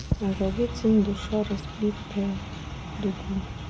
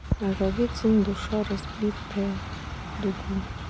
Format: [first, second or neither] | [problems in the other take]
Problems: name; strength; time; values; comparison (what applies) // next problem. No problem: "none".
second | room echo; dies away in 1.1 s